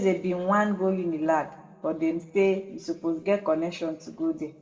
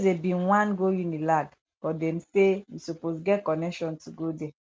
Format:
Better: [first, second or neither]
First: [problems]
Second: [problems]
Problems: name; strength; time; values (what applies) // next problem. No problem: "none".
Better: second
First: room echo; dies away in 1.5 s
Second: none